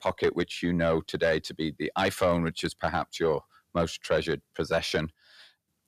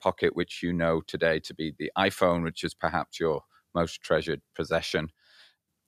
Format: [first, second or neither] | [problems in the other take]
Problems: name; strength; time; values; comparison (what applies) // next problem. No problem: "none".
second | distortion; slight; 10 dB below the speech